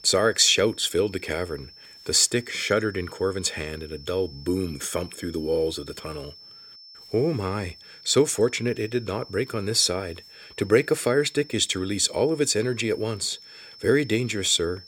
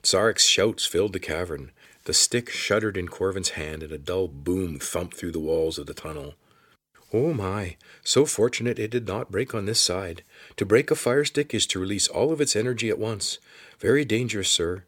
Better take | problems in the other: second | high-pitched whine; faint; throughout; 5.5 kHz, 20 dB below the speech

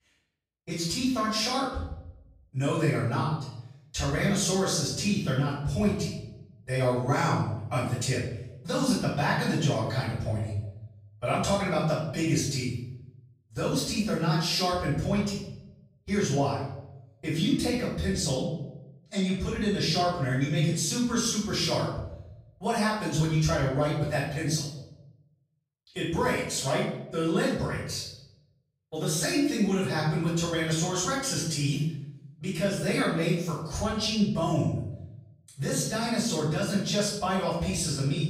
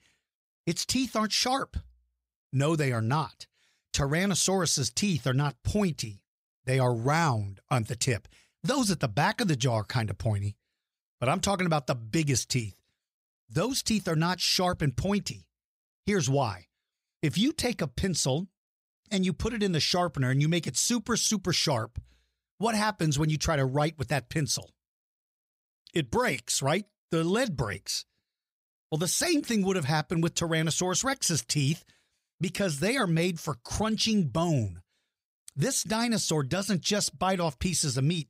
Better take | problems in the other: second | off-mic speech; far // room echo; noticeable; dies away in 0.7 s

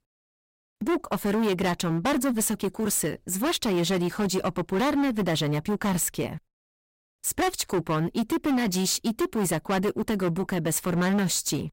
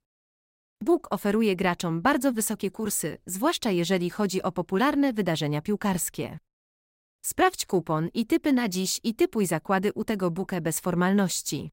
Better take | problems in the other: second | distortion; heavy; 18% of the sound clipped

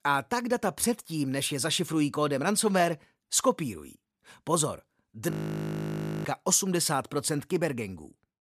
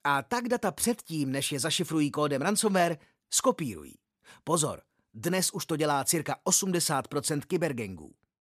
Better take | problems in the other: second | audio freezing; at 5.5 s for 1 s

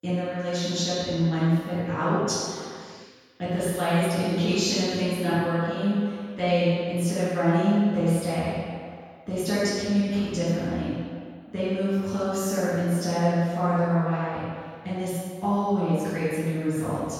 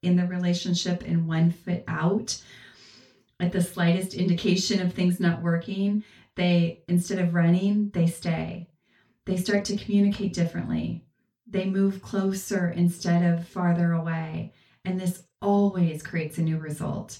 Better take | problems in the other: second | room echo; strong; dies away in 1.8 s; slight in the second // off-mic speech; far; far in the second

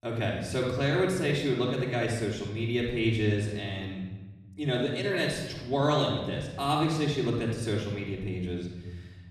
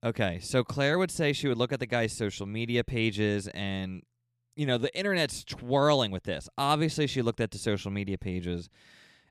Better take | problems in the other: second | off-mic speech; far // room echo; noticeable; dies away in 1.2 s

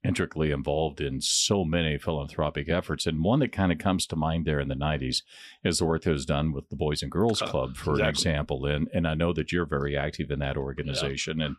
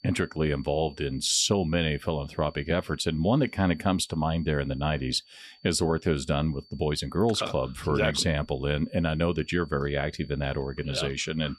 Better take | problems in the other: first | high-pitched whine; faint; throughout; 4.5 kHz, 30 dB below the speech

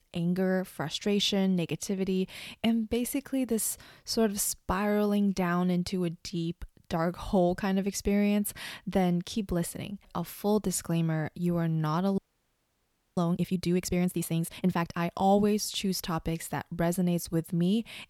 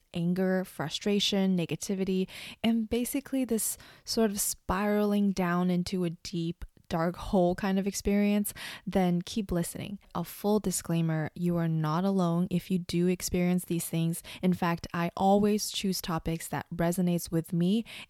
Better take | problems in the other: second | audio freezing; at 12 s for 1 s

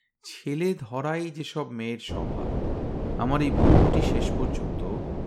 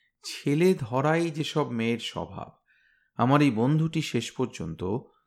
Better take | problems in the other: second | wind noise on the microphone; heavy; from 2 s on; 3 dB above the speech

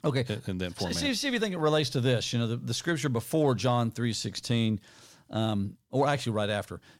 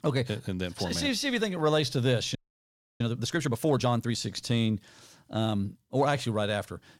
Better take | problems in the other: first | audio freezing; at 2.5 s for 0.5 s

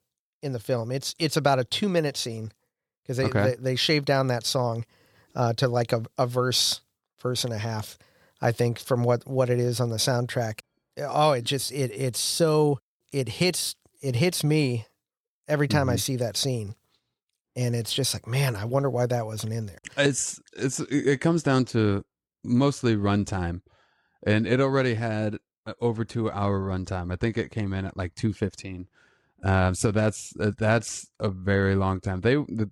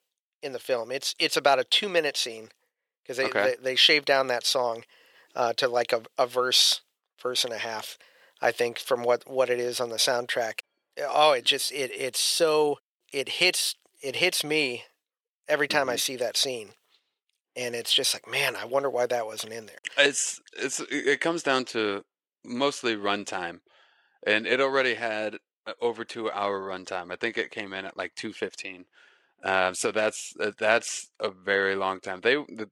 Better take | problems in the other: first | thin; very; fading below 500 Hz

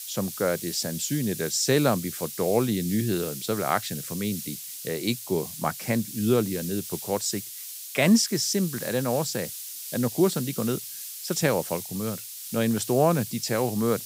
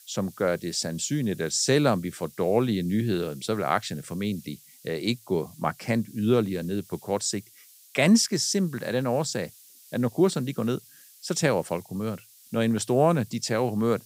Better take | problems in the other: second | hiss; loud; throughout; 8 dB below the speech; faint in the second

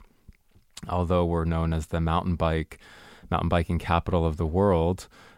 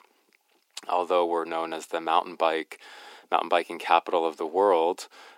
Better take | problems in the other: first | thin; very; fading below 300 Hz

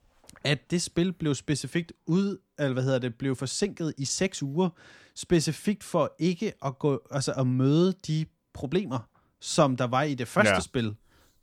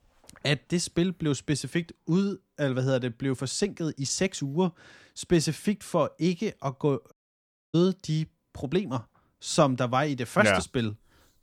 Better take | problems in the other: first | audio cutting out; at 7 s for 0.5 s

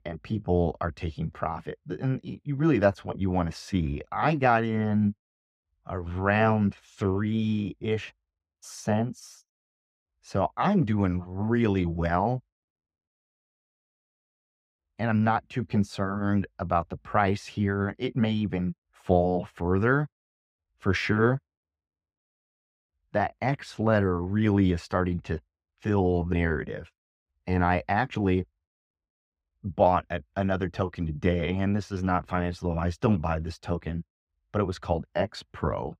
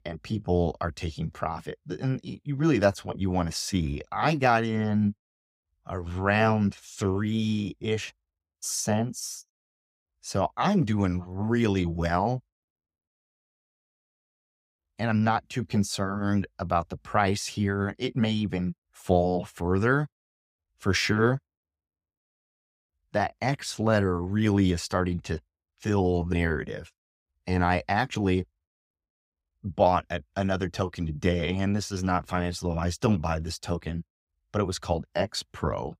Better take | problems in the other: second | muffled; slightly; fading above 4 kHz

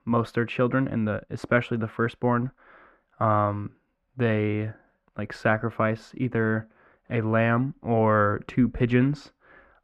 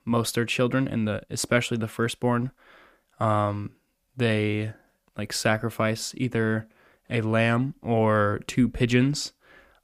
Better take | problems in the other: second | muffled; very; fading above 3.5 kHz

